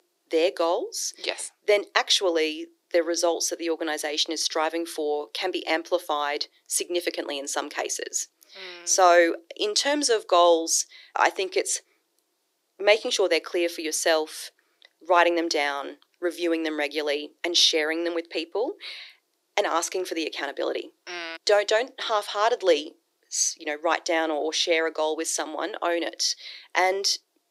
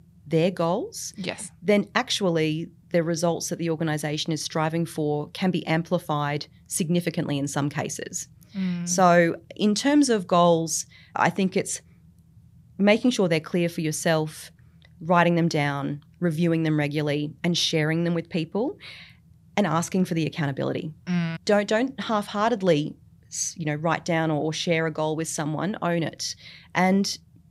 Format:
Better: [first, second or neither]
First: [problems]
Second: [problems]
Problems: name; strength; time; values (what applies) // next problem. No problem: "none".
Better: second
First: thin; very; fading below 350 Hz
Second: none